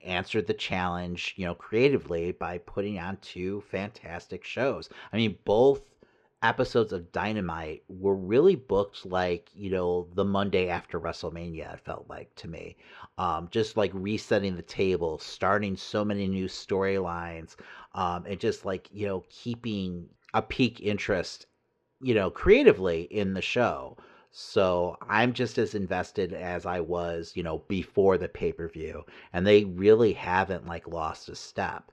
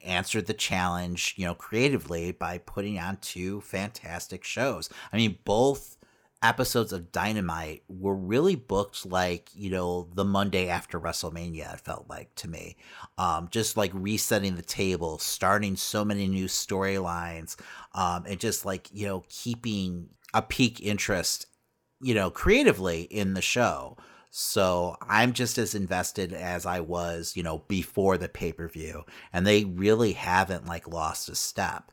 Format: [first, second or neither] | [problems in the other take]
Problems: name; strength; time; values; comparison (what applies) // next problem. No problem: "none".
second | muffled; slightly; fading above 4 kHz